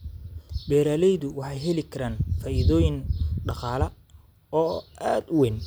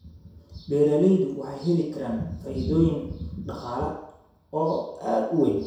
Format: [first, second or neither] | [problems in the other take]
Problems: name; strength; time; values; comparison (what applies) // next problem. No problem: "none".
first | room echo; dies away in 0.7 s